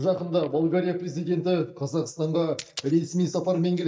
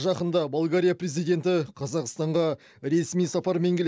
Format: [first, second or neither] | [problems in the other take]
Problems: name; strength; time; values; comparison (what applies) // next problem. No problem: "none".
second | noise reduction (neural mask model DeepFilterNet 3)